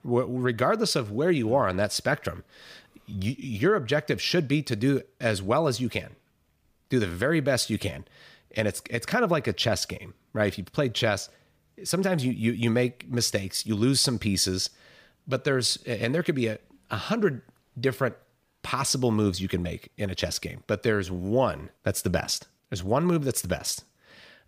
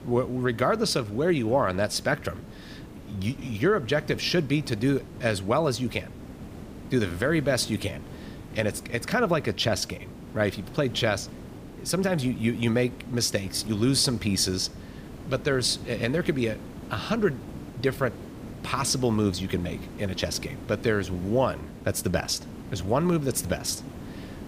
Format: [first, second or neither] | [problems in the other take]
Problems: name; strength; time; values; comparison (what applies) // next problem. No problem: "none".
first | hiss; noticeable; throughout; 15 dB below the speech